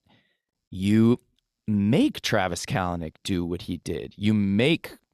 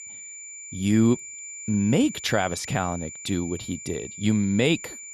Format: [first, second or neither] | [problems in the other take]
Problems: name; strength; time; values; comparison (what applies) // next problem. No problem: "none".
first | high-pitched whine; noticeable; throughout; 7 kHz, 10 dB below the speech